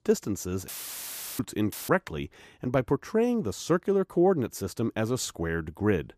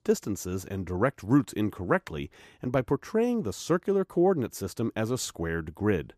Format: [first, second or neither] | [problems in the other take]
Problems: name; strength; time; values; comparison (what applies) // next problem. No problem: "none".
second | audio cutting out; filled with static; at 0.5 s for 0.5 s and at 1.5 s